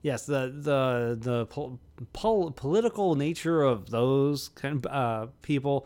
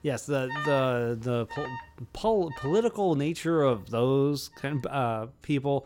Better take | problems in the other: first | alarms or sirens; noticeable; throughout; 10 dB below the speech

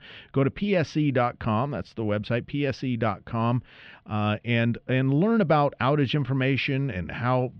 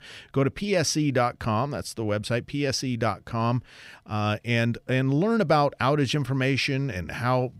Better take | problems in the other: second | muffled; slightly; fading above 3.5 kHz

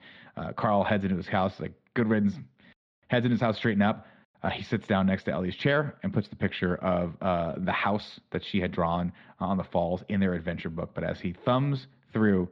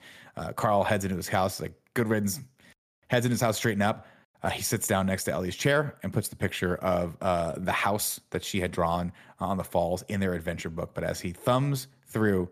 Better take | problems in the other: second | muffled; slightly; fading above 4 kHz

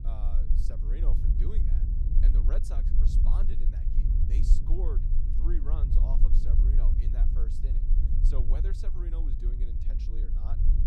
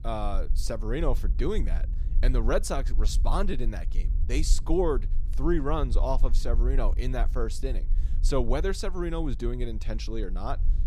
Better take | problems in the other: second | low rumble; loud; throughout; 1 dB below the speech; faint in the second

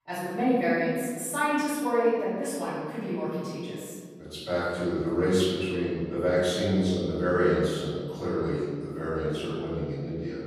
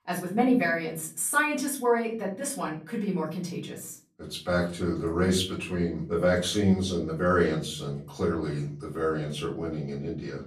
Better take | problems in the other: second | room echo; strong; dies away in 1.7 s; slight in the second // off-mic speech; far; far in the second

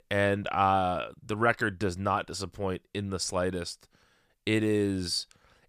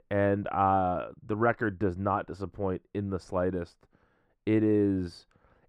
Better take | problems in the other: first | muffled; very; fading above 2.5 kHz

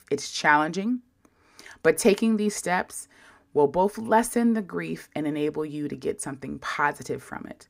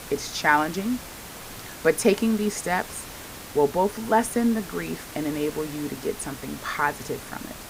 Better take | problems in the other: first | hiss; noticeable; throughout; 15 dB below the speech

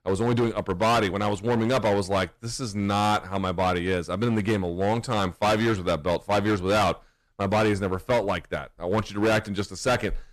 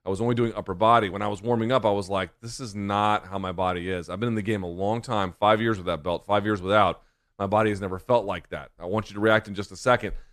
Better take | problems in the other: second | distortion; heavy; 13% of the sound clipped

